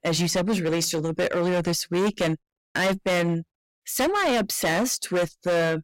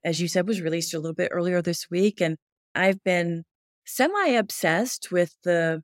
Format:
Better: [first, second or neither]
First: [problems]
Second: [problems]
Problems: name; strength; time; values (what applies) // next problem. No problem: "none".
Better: second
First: distortion; heavy; 19% of the sound clipped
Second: none